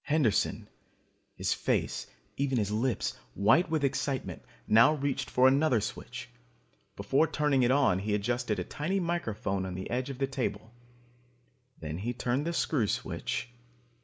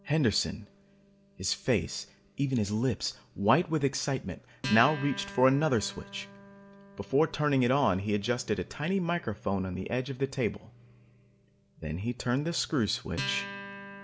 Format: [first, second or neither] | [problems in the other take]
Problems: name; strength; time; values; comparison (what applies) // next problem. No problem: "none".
first | background sound (Acoustic guitar); 16 dB below the speech